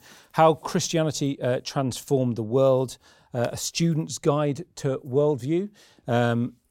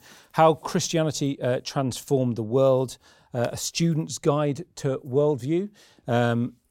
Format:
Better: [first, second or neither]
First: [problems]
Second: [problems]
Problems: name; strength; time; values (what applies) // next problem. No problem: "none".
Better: neither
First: none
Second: none